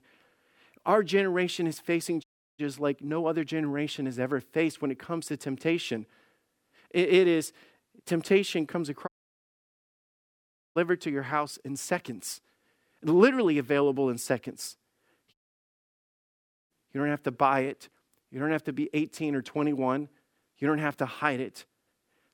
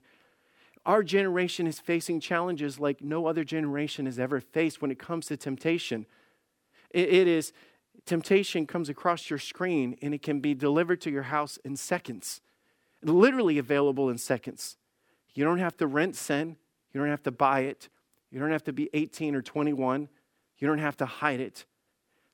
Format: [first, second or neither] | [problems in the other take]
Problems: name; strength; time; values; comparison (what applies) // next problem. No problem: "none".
second | audio cutting out; at 2 s, at 9 s for 1.5 s and at 15 s for 1.5 s